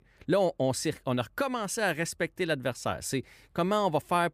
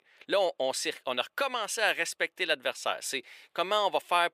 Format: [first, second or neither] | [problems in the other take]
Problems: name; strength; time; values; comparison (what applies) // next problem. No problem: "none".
first | thin; very; fading below 550 Hz